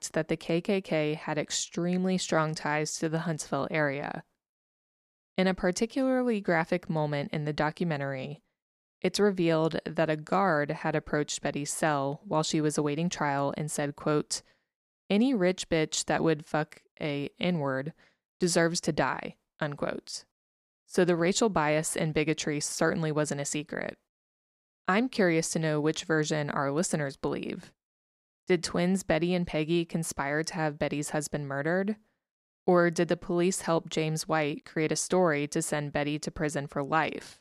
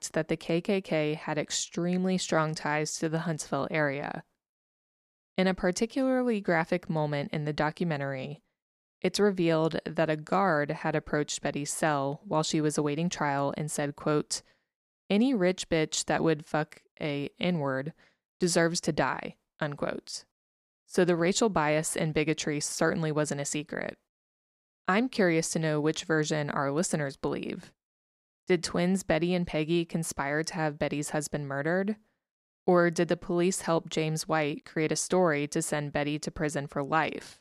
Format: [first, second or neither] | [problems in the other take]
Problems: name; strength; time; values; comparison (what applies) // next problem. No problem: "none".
neither | none